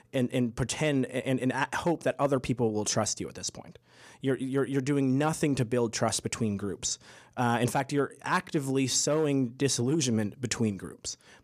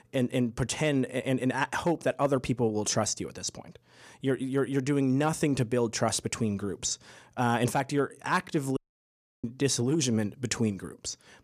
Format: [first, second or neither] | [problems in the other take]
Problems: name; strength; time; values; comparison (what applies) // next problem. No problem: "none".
first | audio cutting out; at 9 s for 0.5 s